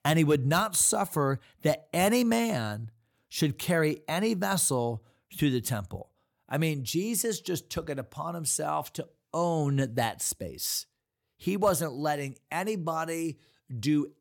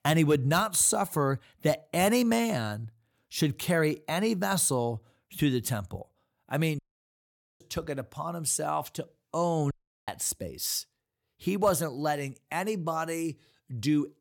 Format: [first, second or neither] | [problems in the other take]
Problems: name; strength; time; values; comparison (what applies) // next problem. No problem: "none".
first | audio cutting out; at 7 s for 1 s and at 9.5 s